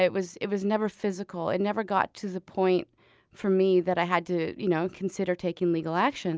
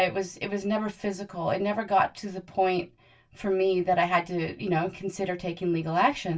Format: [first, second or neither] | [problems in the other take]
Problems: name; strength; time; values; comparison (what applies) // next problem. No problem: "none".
first | room echo; dies away in 0.2 s